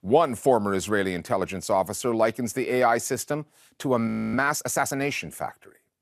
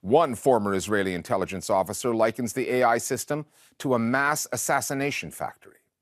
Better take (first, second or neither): second